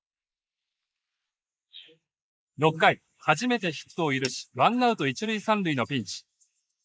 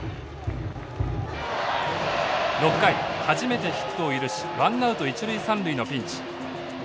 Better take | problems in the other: second | noise reduction (neural mask model Resemble Enhance denoiser)

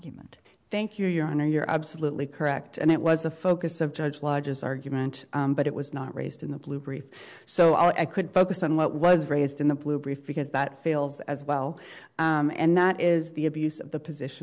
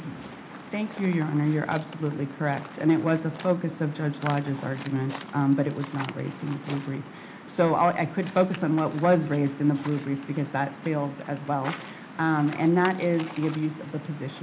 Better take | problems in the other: first | background sound (Waves, surf); 14 dB below the speech // room echo; dies away in 0.4 s

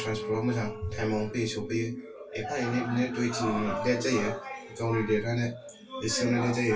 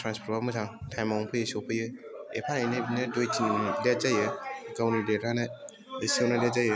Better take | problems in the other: second | background sound (Chink, clink); 15 dB below the speech // room echo; dies away in 0.1 s

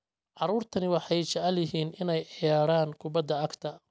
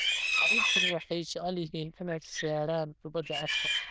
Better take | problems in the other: first | noise reduction (neural diffusion model UNIVERSE++)

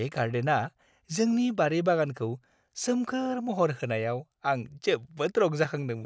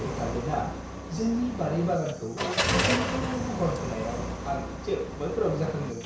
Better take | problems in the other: first | background sound (Car); 1 dB below the speech // room echo; dies away in 0.6 s

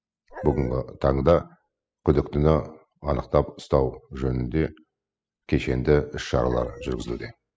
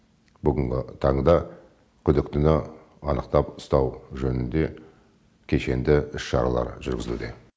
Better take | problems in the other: second | noise reduction (classical method spectral subtraction)

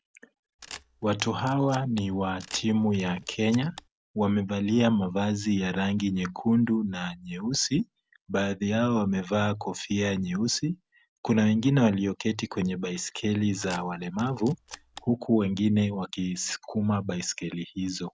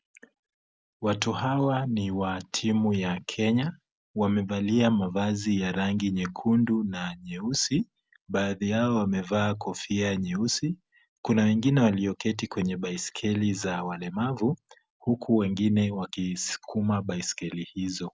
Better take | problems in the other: second | background sound (Camera); 20 dB below the speech

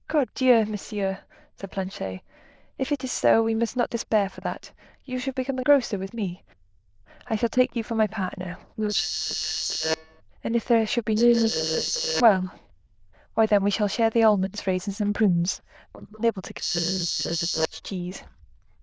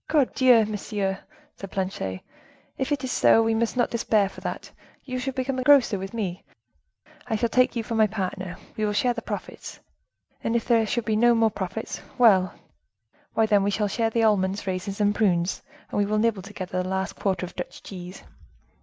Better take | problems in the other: second | noise reduction (neural diffusion model UNIVERSE++)

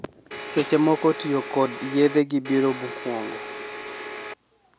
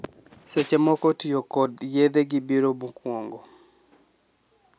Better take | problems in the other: second | background sound (Domestic sounds, home sounds); 11 dB below the speech

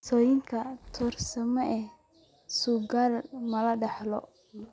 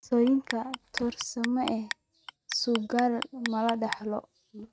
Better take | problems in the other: first | noise reduction (neural mask model RNNoise)

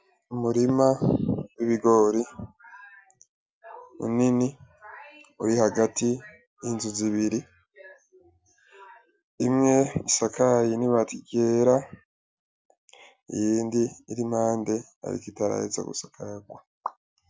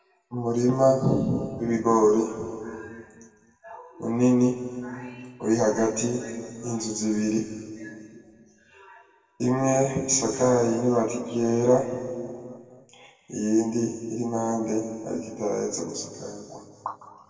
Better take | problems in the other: first | room echo; dies away in 2 s

